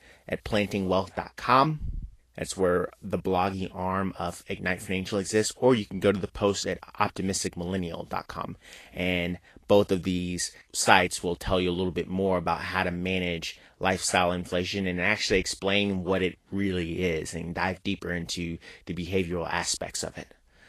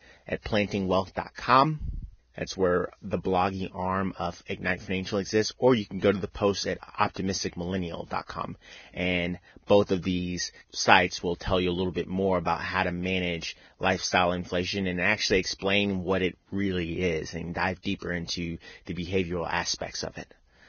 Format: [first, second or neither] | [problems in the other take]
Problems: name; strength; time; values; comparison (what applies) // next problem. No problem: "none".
first | garbled, watery; badly; nothing above 6.5 kHz; slightly in the first